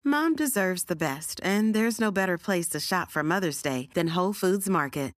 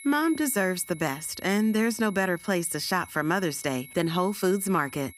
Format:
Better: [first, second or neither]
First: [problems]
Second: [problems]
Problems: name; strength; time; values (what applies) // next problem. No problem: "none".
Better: first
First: none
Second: high-pitched whine; noticeable; throughout; 2 kHz, 20 dB below the speech